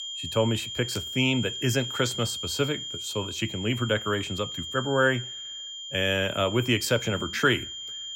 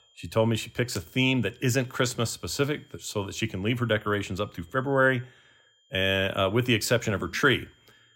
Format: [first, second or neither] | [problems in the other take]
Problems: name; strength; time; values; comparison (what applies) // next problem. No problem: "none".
second | high-pitched whine; loud; throughout; 3 kHz, 7 dB below the speech; faint in the second